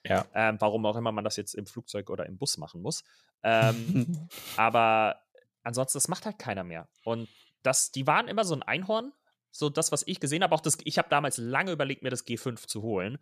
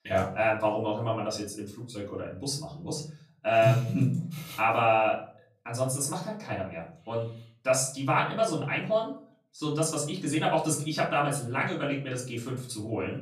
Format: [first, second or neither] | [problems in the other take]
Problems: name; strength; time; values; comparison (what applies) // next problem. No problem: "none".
first | off-mic speech; far // room echo; slight; dies away in 0.5 s